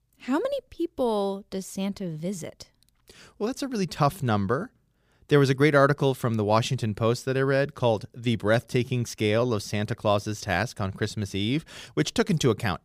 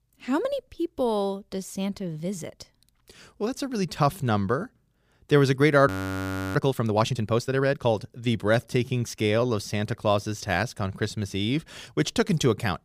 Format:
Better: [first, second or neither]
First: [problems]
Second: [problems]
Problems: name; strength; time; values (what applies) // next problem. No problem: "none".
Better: first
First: none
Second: audio freezing; at 6 s for 0.5 s